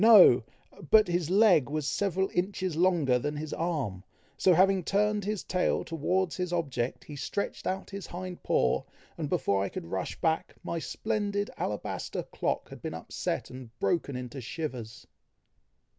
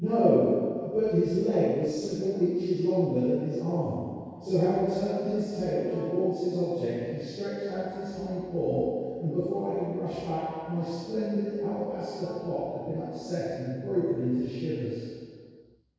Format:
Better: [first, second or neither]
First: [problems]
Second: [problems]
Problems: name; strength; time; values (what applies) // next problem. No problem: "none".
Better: first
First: none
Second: noise reduction (neural separator model SepFormer DNS4)